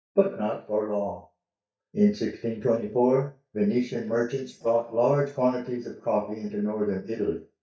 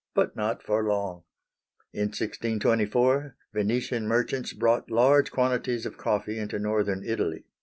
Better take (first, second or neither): second